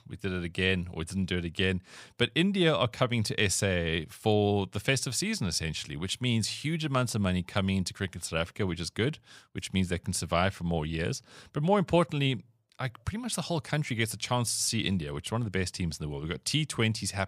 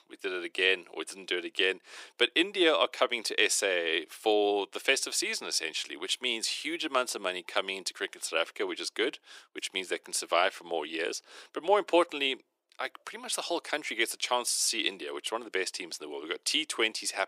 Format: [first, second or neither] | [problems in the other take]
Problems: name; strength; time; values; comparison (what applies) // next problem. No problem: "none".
first | thin; very; fading below 350 Hz